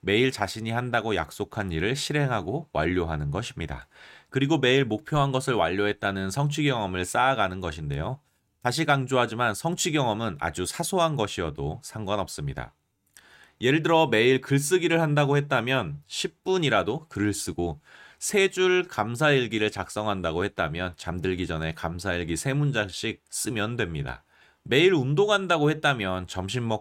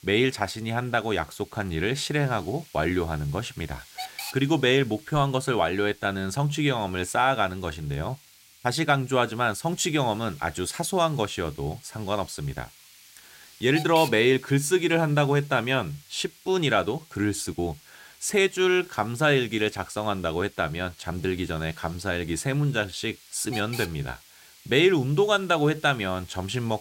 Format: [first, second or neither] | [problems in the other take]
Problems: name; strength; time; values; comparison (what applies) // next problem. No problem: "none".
first | hiss; noticeable; throughout; 20 dB below the speech